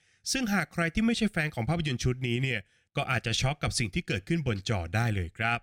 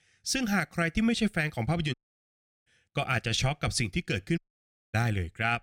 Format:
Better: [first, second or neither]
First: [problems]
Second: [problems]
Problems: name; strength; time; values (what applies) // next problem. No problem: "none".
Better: first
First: none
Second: audio cutting out; at 2 s for 0.5 s and at 4.5 s for 0.5 s